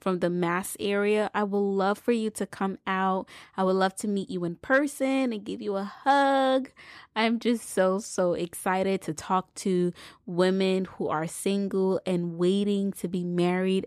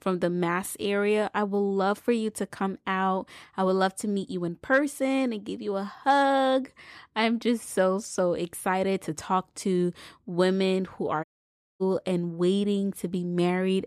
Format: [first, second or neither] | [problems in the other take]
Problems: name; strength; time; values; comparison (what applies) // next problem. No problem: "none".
first | audio cutting out; at 11 s for 0.5 s